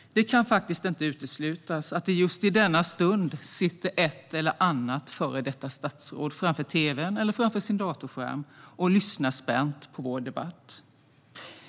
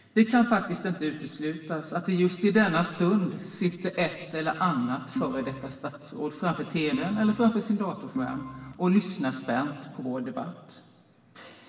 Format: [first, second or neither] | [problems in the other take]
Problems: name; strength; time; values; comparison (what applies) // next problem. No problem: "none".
first | background sound (Organ); 10 dB below the speech // room echo; dies away in 2.2 s